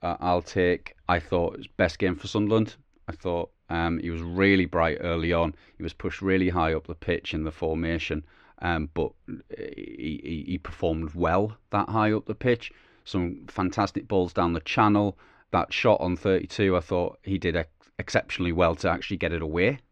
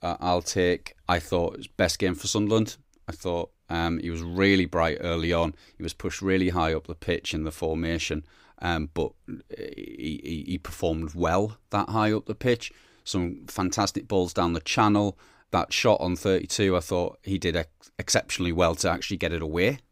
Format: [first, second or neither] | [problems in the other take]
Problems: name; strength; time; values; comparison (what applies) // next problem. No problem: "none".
second | muffled; slightly; fading above 2.5 kHz